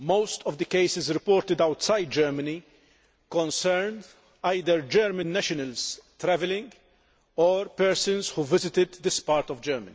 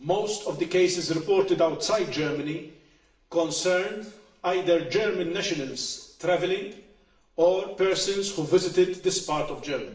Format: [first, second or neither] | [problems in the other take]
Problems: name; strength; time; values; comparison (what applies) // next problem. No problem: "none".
first | room echo; dies away in 0.7 s